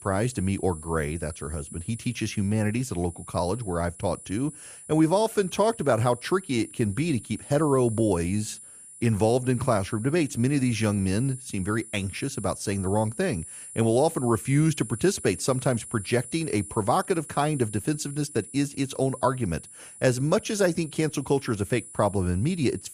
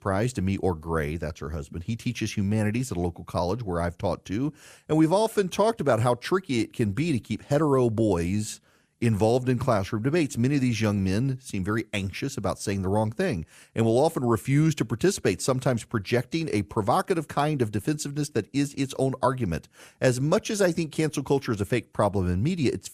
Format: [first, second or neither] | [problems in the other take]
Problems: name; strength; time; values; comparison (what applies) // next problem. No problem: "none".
second | high-pitched whine; noticeable; throughout; 9.5 kHz, 15 dB below the speech